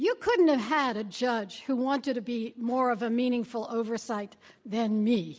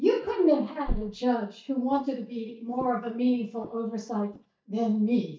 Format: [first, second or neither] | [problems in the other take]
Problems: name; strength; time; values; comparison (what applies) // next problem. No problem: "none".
first | noise reduction (neural mask model DeepFilterNet 3)